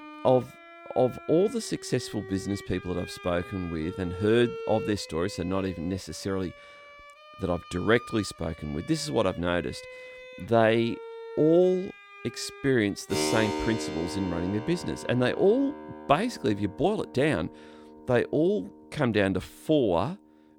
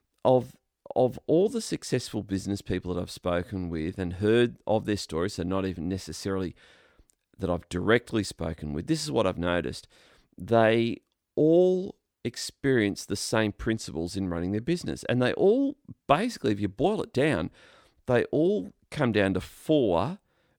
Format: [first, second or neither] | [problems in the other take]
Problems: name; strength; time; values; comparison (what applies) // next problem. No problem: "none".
second | background music; noticeable; throughout; 15 dB below the speech